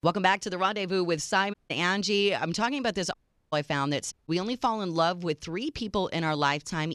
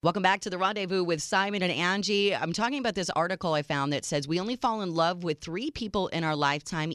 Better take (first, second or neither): second